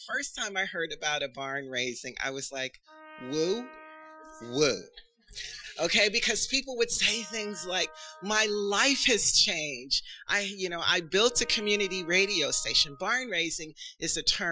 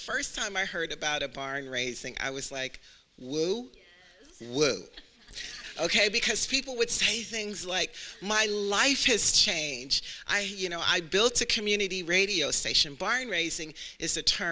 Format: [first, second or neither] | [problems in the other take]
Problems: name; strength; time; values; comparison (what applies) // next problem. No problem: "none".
second | noise reduction (classical method Wiener filter)